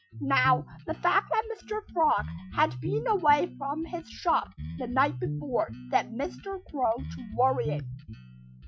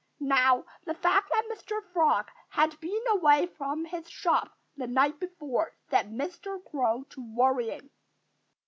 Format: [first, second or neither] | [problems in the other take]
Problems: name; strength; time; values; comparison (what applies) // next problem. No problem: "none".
second | noise reduction (classical method Wiener filter)